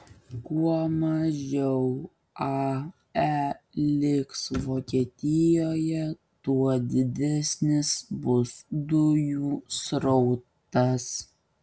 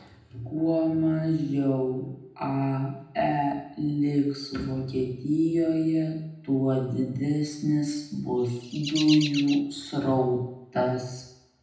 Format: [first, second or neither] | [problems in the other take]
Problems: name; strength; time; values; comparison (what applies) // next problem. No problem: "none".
first | background sound (Chirp, tweet); 11 dB below the speech // room echo; dies away in 0.8 s